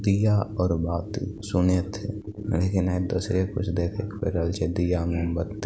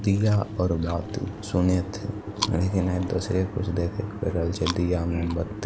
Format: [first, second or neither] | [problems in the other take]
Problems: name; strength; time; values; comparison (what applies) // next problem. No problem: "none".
first | background sound (Wind / Rain + Chewing, mastication); 14 dB below the speech